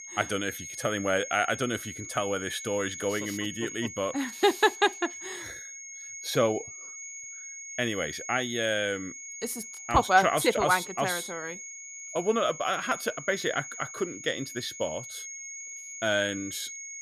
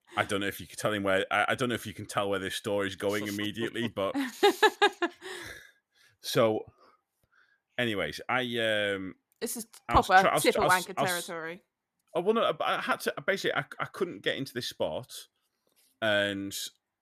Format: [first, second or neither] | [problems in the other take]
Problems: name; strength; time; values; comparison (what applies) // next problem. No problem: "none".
second | high-pitched whine; noticeable; throughout; 6.5 kHz, 10 dB below the speech